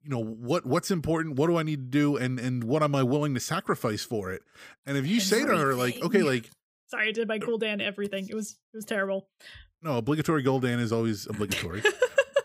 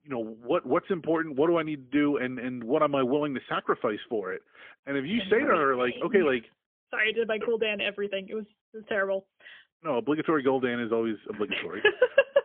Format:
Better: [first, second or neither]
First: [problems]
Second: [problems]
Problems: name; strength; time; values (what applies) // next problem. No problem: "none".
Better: first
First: none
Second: phone-call audio; poor line; nothing above 3.5 kHz